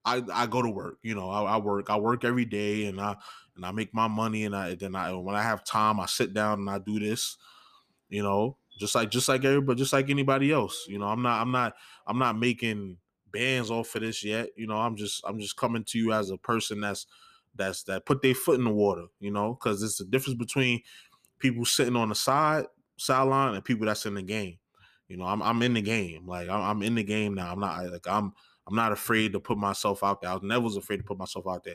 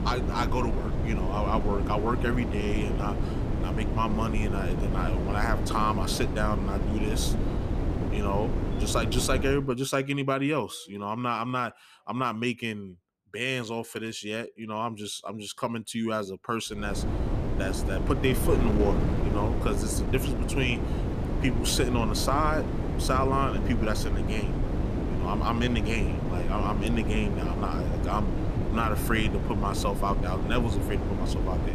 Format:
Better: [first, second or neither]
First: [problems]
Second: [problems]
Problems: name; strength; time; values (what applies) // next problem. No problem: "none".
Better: first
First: none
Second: wind noise on the microphone; heavy; until 9.5 s and from 17 s on; 6 dB below the speech